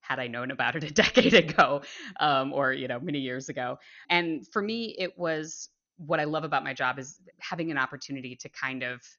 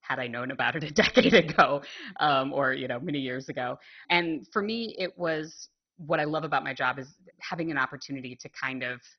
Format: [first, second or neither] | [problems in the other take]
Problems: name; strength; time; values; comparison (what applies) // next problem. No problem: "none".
first | garbled, watery; badly; nothing above 6 kHz; slightly in the first